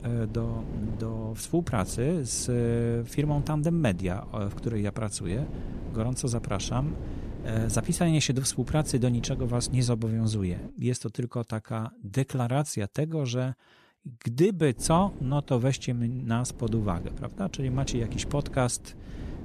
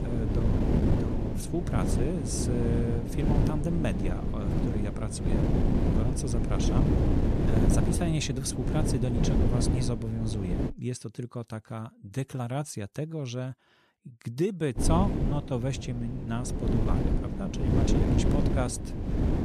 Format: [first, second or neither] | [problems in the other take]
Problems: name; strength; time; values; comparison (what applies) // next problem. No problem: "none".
first | wind noise on the microphone; heavy; until 11 s and from 15 s on; 1 dB above the speech; occasional gusts in the first